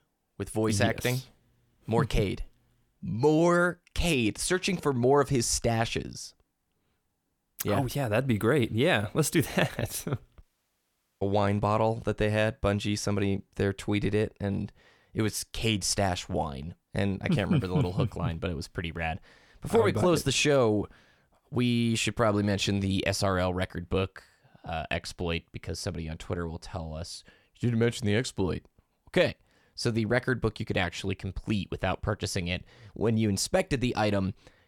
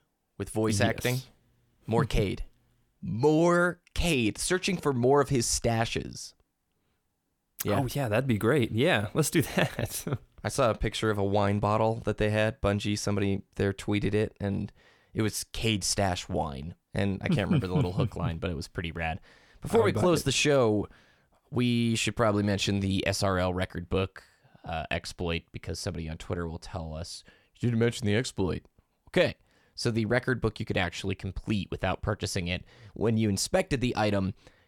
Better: second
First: audio cutting out; at 10 s for 1 s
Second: none

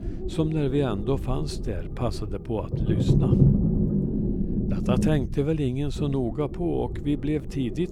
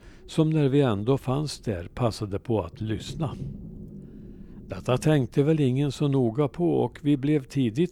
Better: second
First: low rumble; loud; throughout; 4 dB below the speech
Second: low rumble; faint; throughout; 25 dB below the speech

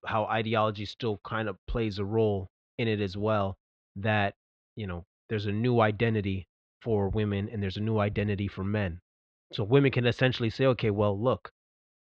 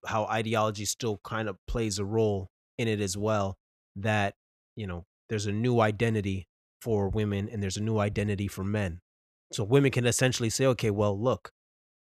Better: second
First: muffled; slightly; fading above 4 kHz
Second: none

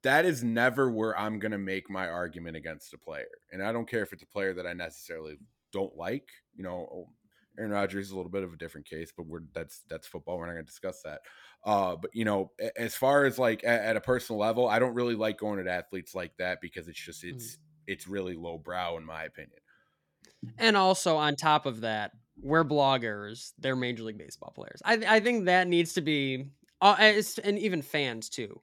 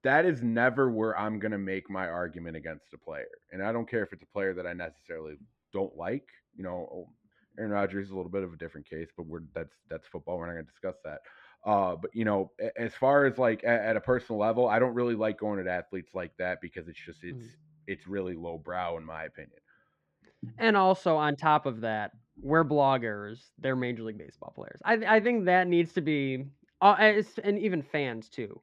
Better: first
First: none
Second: muffled; slightly; fading above 2 kHz

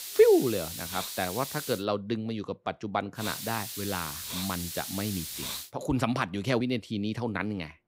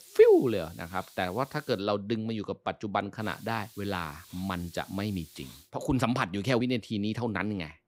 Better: second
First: hiss; loud; until 2 s and from 3 to 5.5 s; 6 dB below the speech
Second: hiss; faint; until 2 s and from 3 to 5.5 s; 20 dB below the speech

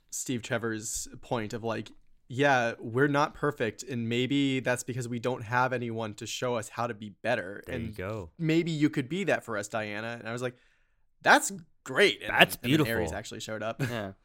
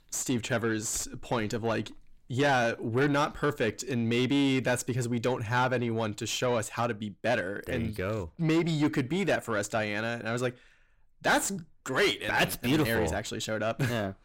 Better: first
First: none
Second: distortion; heavy; 6 dB below the speech

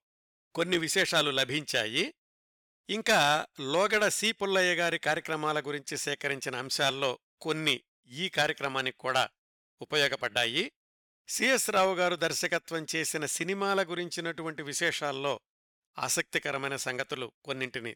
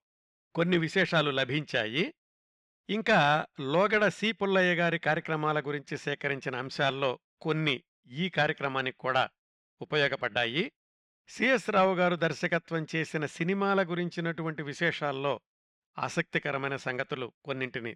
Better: first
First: none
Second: muffled; slightly; fading above 2.5 kHz

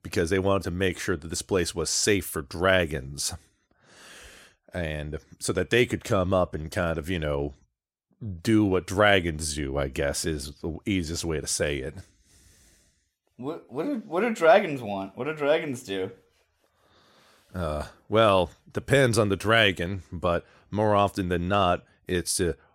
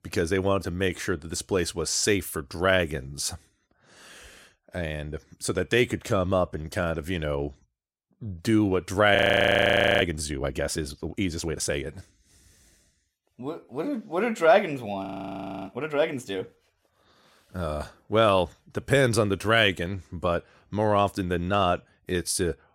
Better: first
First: none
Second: audio freezing; at 9 s for 1 s and at 15 s for 0.5 s

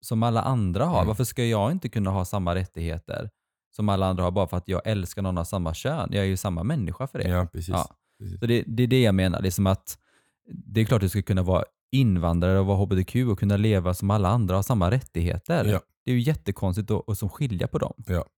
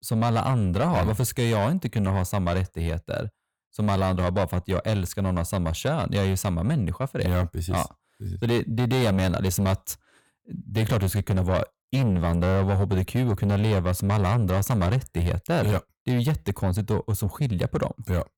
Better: first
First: none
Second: distortion; slight; 10 dB below the speech

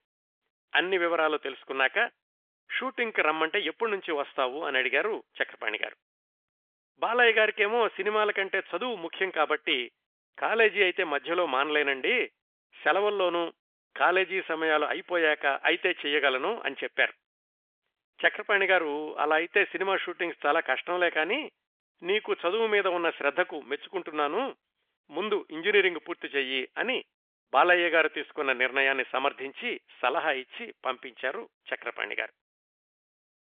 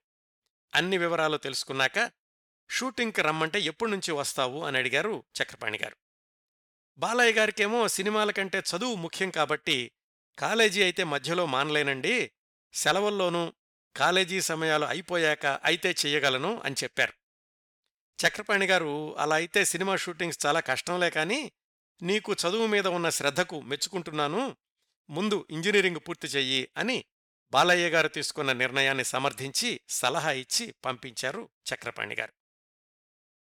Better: second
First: phone-call audio; nothing above 3.5 kHz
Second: none

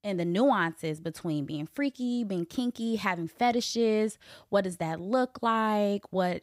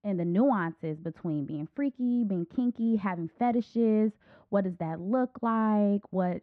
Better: first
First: none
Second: muffled; very; fading above 1.5 kHz

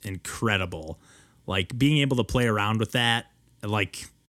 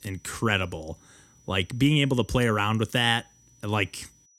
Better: first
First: none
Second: high-pitched whine; faint; throughout; 6 kHz, 35 dB below the speech

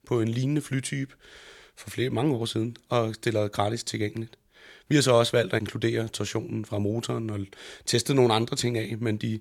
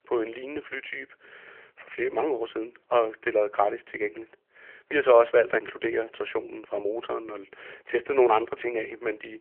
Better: first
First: none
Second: phone-call audio; nothing above 3 kHz

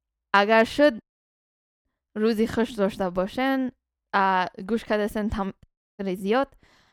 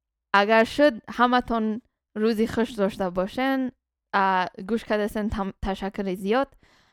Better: second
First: audio cutting out; at 1 s for 1 s and at 5.5 s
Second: none

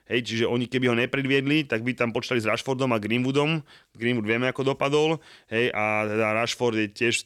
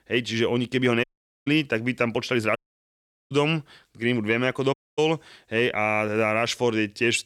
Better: first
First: none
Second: audio cutting out; at 1 s, at 2.5 s for 1 s and at 4.5 s

